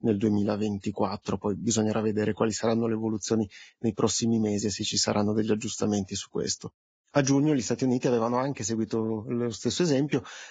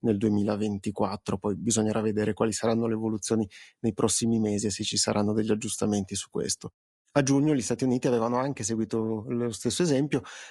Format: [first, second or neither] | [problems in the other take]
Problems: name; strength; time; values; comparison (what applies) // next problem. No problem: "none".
second | garbled, watery; badly; nothing above 7.5 kHz; slightly in the second